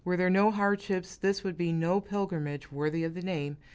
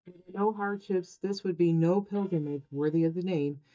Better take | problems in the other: first | noise reduction (neural mask model DeepFilterNet 3)

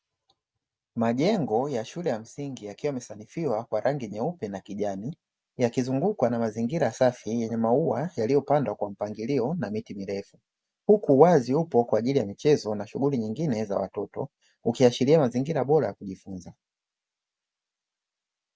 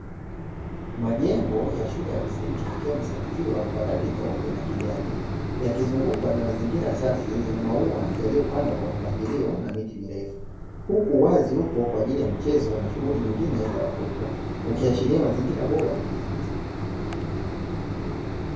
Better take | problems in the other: first | background sound (Mechanisms); 3 dB below the speech // room echo; dies away in 0.6 s

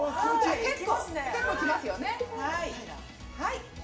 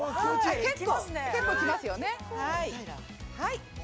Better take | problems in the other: second | background sound (Cowbell); 13 dB below the speech // room echo; dies away in 0.7 s

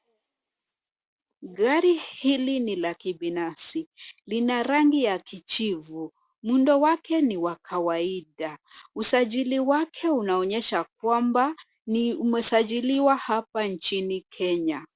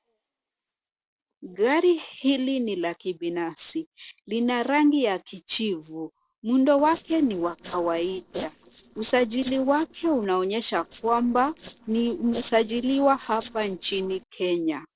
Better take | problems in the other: first | noise reduction (neural separator model SepFormer DNS4)

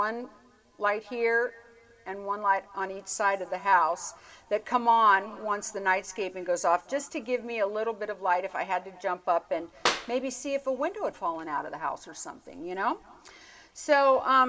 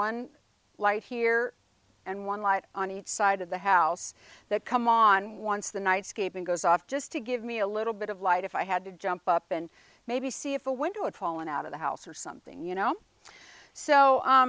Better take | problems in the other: second | background sound (Clapping); 9 dB below the speech // room echo; dies away in 1.8 s

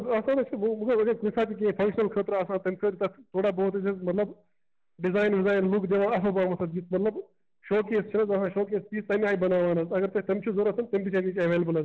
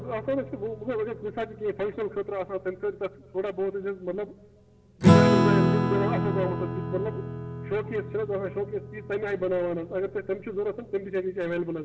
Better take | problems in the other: first | background sound (Acoustic guitar / Strum); 2 dB above the speech // room echo; dies away in 0.6 s

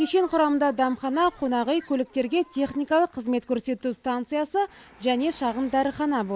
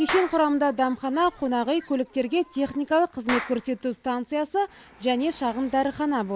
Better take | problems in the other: first | background sound (Clapping); 14 dB below the speech

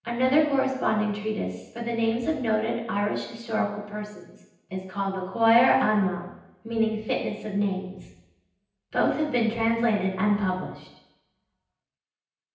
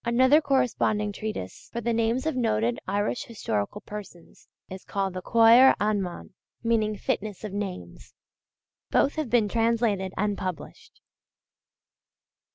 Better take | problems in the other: second | room echo; dies away in 0.9 s

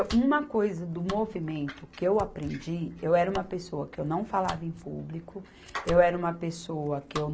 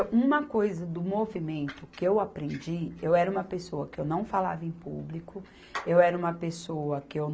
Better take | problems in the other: second | background sound (Domestic sounds, home sounds); 16 dB below the speech

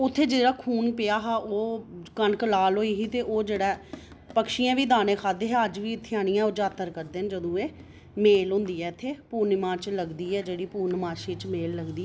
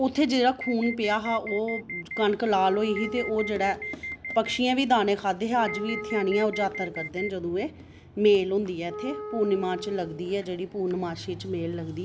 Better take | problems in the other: first | background sound (Alarm + Wind instrument, woodwind instrument); 10 dB below the speech

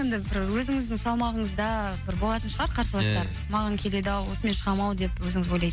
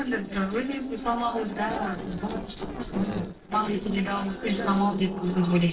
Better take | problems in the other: first | noise reduction (neural separator model SepFormer DNS4)

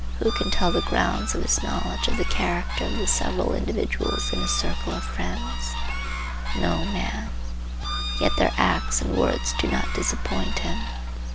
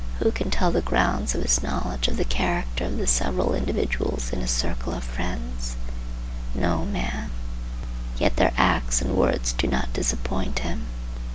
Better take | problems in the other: second | background sound (Bird / Fowl); 10 dB below the speech

